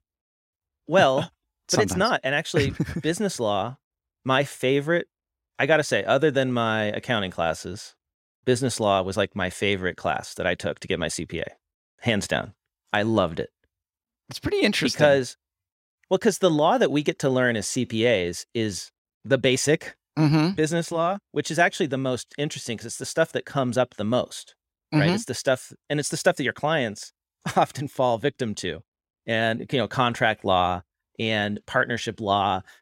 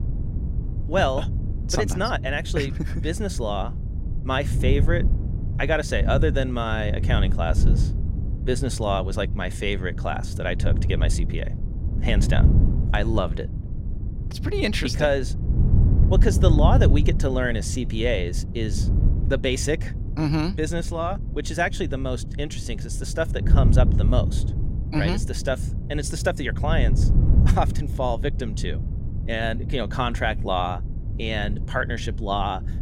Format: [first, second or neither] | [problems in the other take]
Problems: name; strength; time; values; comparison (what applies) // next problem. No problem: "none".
first | wind noise on the microphone; occasional gusts; 10 dB below the speech